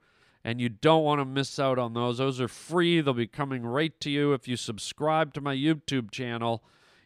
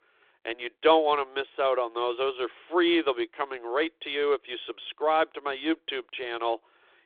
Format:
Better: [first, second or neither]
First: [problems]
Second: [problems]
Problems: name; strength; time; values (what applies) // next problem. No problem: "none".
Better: first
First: none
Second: phone-call audio; nothing above 3.5 kHz